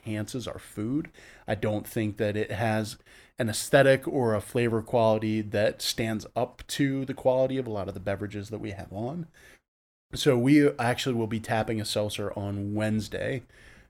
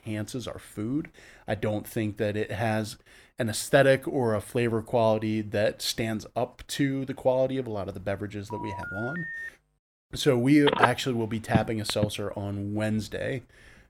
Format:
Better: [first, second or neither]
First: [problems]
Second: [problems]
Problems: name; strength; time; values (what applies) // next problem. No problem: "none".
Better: first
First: none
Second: phone ringing; noticeable; at 8.5 s; peak 7 dB below the speech // phone ringing; loud; from 11 to 12 s; peak 3 dB above the speech